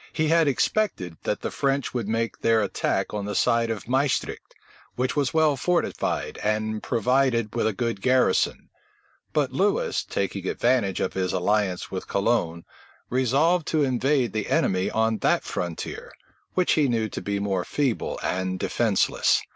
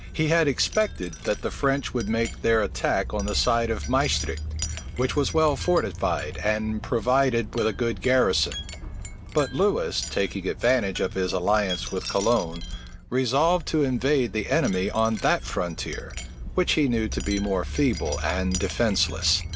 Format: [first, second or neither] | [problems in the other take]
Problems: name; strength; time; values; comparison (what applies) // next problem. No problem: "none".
first | background sound (Wind chime); 9 dB below the speech